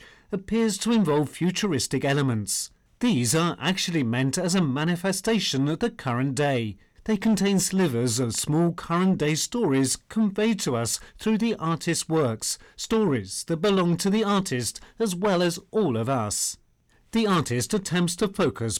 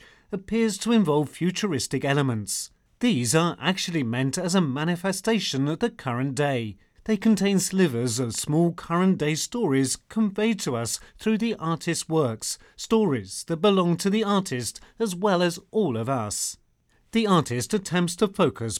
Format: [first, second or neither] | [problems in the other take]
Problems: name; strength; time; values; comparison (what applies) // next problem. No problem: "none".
second | distortion; slight; 10 dB below the speech